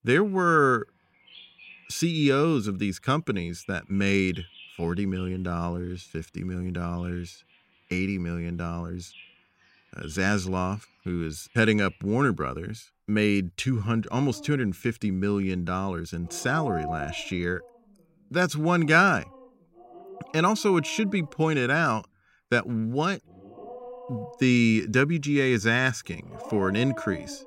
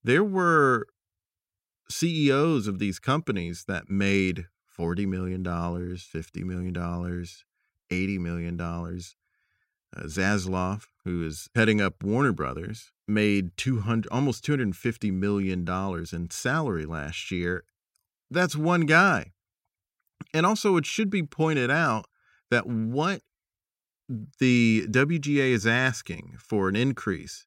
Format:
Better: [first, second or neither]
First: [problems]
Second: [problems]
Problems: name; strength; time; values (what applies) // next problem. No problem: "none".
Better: second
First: animal sounds; noticeable; throughout; 15 dB below the speech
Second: none